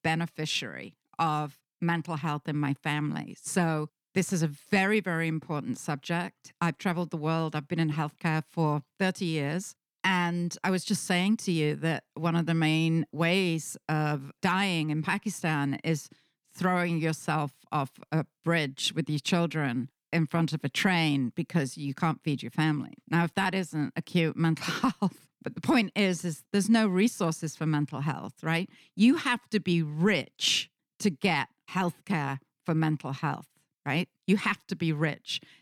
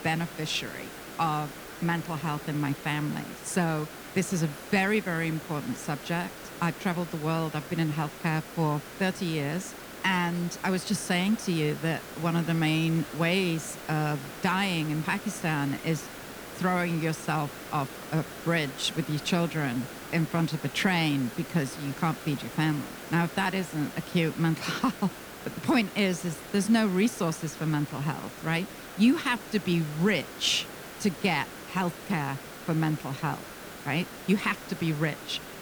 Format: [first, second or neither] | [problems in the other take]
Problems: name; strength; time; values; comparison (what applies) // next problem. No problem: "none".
first | hiss; noticeable; throughout; 10 dB below the speech